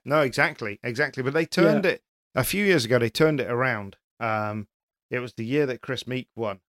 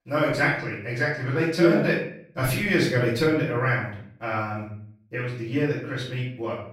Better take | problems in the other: first | off-mic speech; far // room echo; noticeable; dies away in 0.6 s

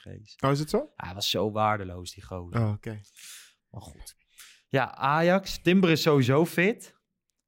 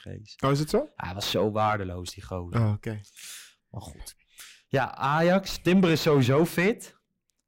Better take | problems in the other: first | distortion; slight; 10 dB below the speech

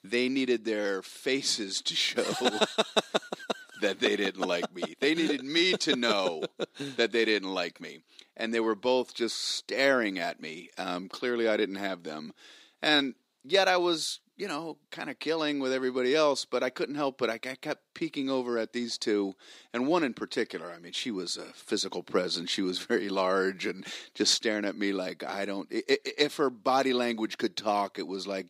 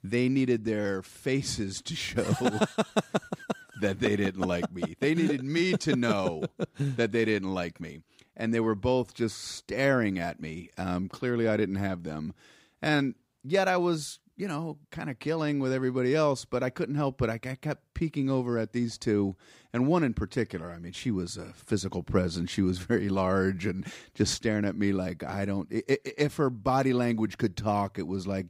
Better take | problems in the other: second | thin; very slightly; fading below 300 Hz

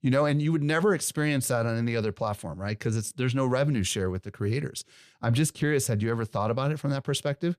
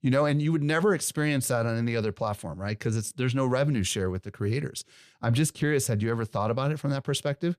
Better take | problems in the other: neither | none

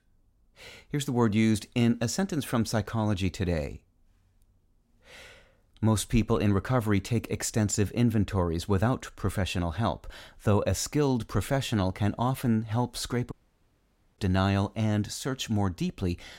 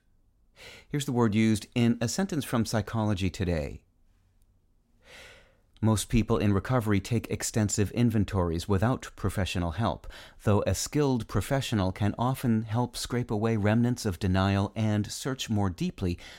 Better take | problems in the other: second | audio cutting out; at 13 s for 1 s

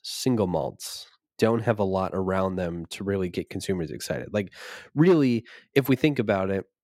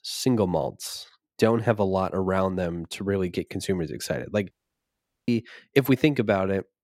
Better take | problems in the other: first | audio cutting out; at 4.5 s for 1 s

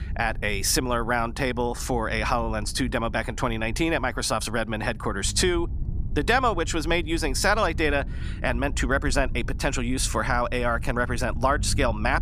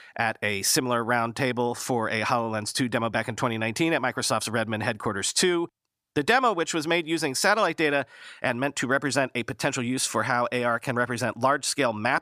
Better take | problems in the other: second | low rumble; faint; throughout; 25 dB below the speech

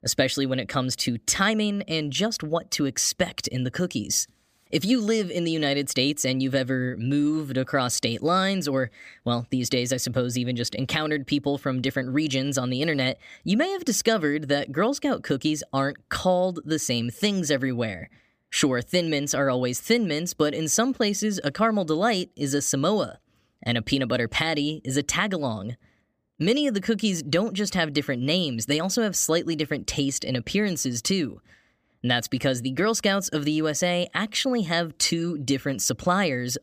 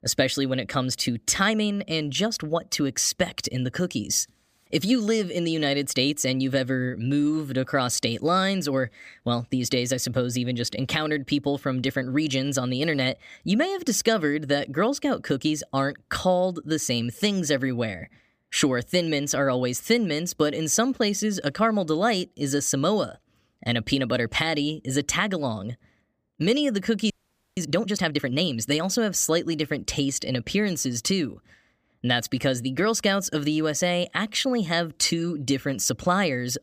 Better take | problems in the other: first | audio freezing; at 27 s

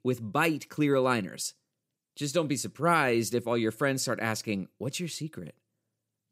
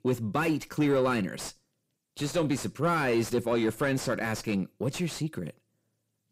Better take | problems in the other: first | distortion; heavy; 7 dB below the speech

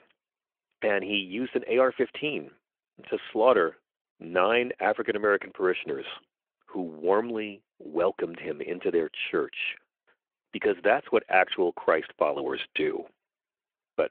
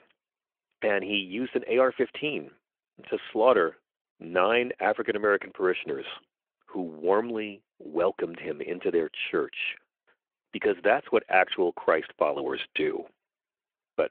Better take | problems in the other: neither | phone-call audio; the same in both

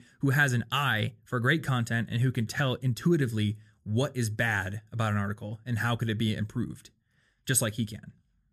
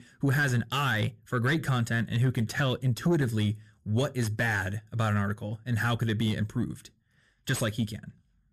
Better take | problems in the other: first | distortion; slight; 10 dB below the speech

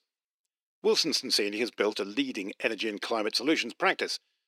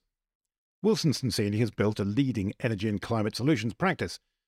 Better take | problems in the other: second | thin; somewhat; fading below 300 Hz

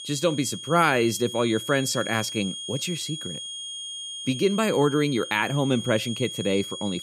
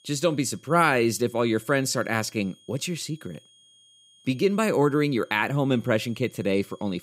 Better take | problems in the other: second | high-pitched whine; loud; throughout; 3.5 kHz, 9 dB below the speech; faint in the second

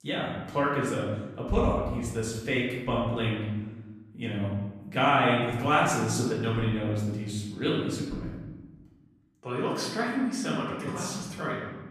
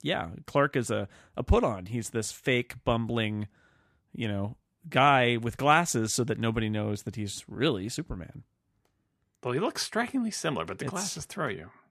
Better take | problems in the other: second | room echo; noticeable; dies away in 1.1 s // off-mic speech; far

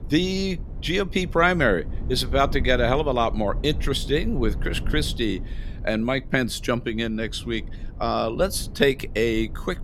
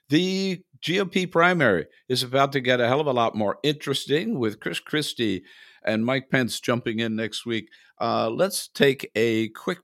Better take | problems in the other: second | low rumble; faint; throughout; 20 dB below the speech

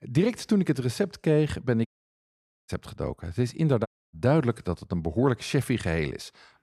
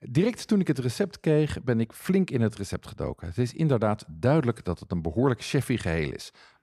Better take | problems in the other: second | audio cutting out; at 2 s for 1 s and at 4 s

